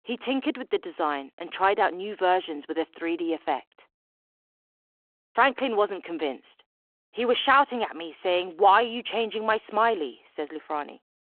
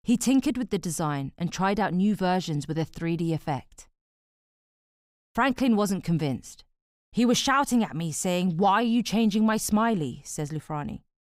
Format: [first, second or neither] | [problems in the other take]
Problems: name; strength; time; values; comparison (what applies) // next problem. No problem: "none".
second | phone-call audio